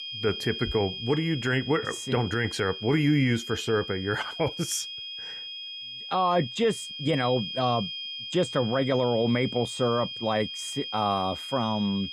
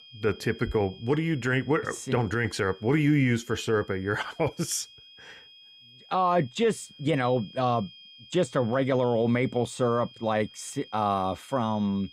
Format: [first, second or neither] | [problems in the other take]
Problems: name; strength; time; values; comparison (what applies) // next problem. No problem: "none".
second | high-pitched whine; loud; throughout; 3 kHz, 8 dB below the speech; faint in the second